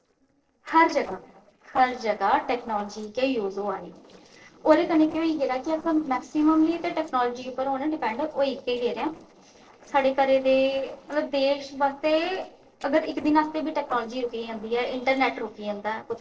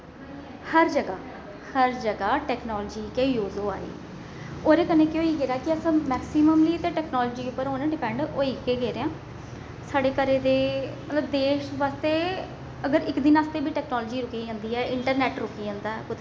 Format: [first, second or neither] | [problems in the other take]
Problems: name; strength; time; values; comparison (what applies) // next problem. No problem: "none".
second | noise reduction (neural separator model SepFormer DNS4)